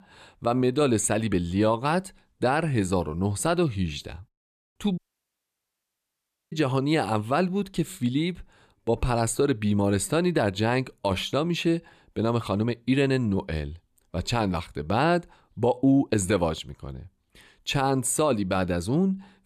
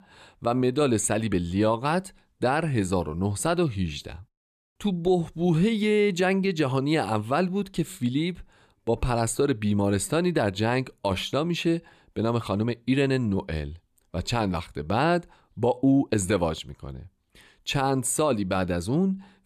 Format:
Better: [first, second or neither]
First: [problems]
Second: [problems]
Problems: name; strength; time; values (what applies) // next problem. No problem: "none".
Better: second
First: audio cutting out; at 5 s for 1.5 s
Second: none